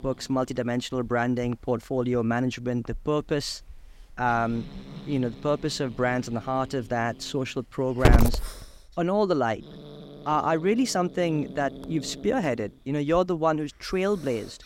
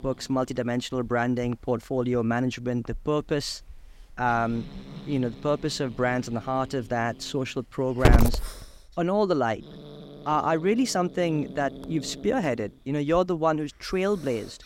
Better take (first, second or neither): neither